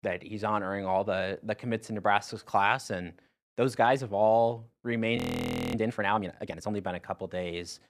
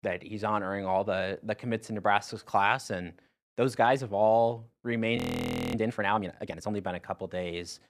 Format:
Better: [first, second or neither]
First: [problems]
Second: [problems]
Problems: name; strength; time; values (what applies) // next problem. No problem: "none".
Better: neither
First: audio freezing; at 5 s for 0.5 s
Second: audio freezing; at 5 s for 0.5 s